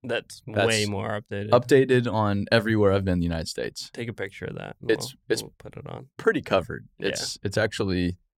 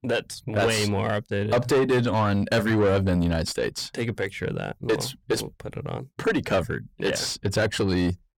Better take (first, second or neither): first